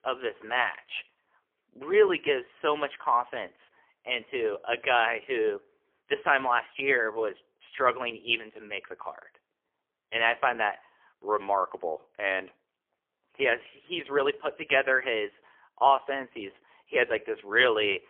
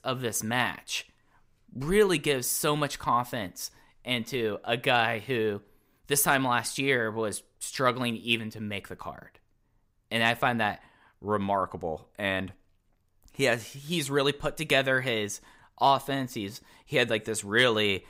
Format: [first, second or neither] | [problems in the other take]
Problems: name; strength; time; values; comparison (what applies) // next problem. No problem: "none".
second | phone-call audio; poor line; nothing above 3.5 kHz